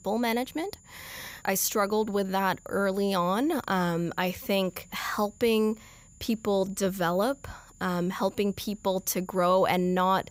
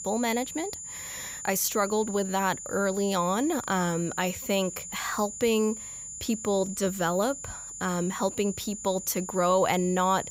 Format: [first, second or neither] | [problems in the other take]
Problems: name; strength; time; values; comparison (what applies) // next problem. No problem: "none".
first | high-pitched whine; loud; throughout; 7 kHz, 9 dB below the speech; faint in the first